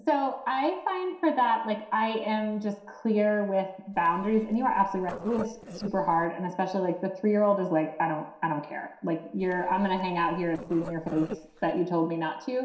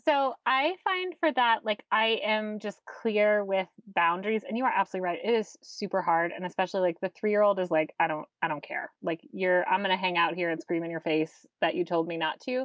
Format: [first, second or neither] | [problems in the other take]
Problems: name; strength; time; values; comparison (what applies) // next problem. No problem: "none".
second | noise reduction (neural separator model SepFormer DNS4)